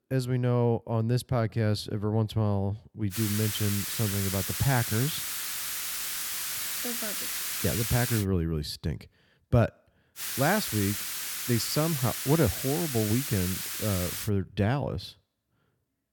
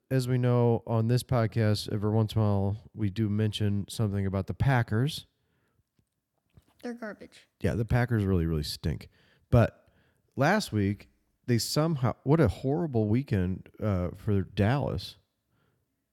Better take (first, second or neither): second